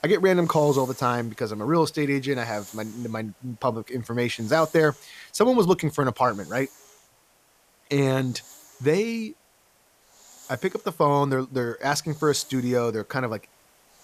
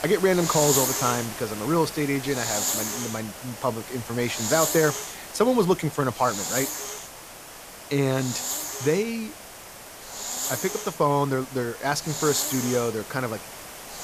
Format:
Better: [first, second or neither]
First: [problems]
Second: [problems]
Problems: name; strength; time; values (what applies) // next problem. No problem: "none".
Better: first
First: hiss; faint; throughout; 25 dB below the speech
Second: hiss; loud; throughout; 4 dB below the speech